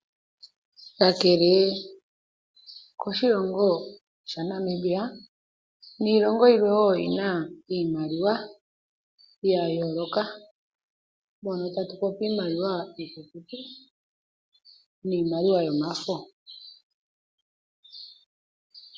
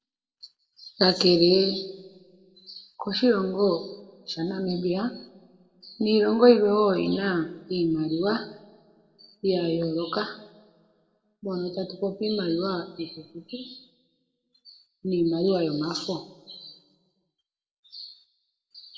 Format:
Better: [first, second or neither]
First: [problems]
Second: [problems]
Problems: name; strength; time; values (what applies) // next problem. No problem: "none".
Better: first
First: none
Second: room echo; dies away in 1 s